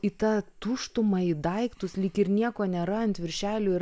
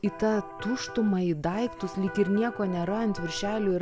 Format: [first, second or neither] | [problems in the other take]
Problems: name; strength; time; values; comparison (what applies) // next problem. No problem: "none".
first | background sound (Electric guitar); 12 dB below the speech